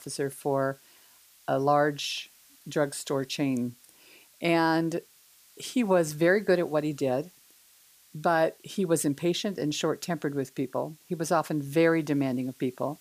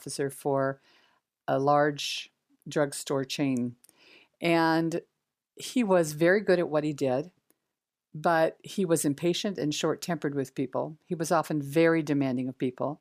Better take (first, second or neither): second